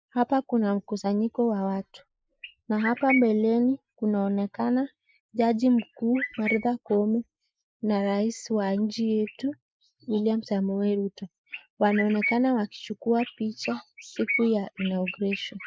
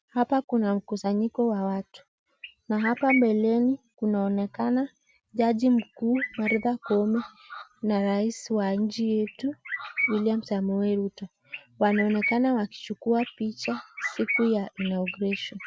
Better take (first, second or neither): second